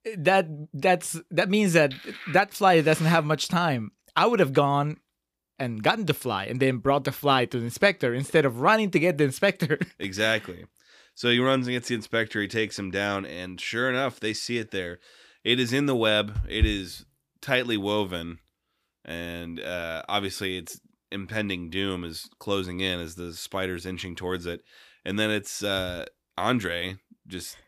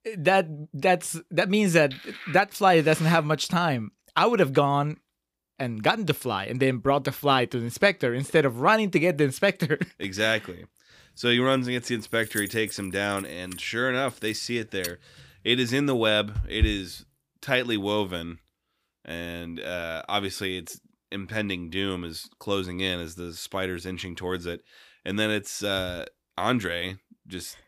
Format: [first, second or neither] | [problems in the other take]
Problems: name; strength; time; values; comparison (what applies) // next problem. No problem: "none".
first | jangling keys; noticeable; from 12 to 15 s; peak 8 dB below the speech